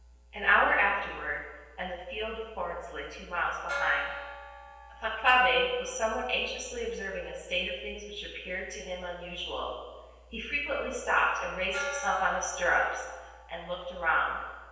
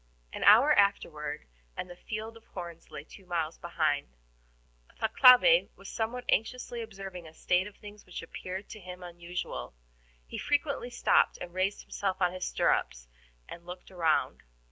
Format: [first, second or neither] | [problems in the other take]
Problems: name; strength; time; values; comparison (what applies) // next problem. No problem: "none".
second | background sound (Gong); 15 dB below the speech // room echo; dies away in 1.2 s